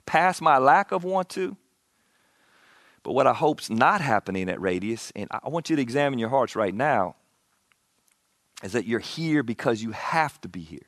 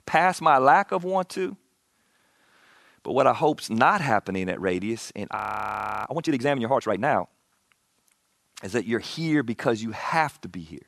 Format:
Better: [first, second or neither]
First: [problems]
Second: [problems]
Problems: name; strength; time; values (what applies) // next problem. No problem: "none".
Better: first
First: none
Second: audio freezing; at 5.5 s for 0.5 s